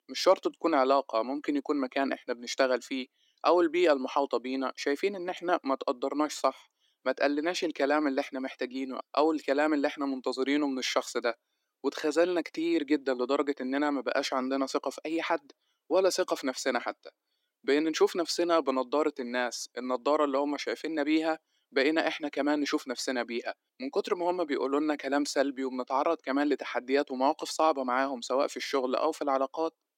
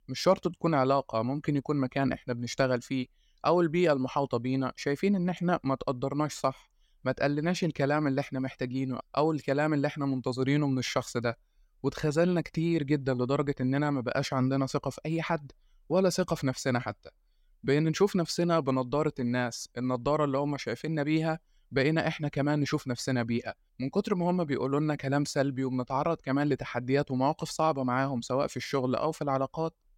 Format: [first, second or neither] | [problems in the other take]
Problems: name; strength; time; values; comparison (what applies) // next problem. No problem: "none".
second | thin; very slightly; fading below 300 Hz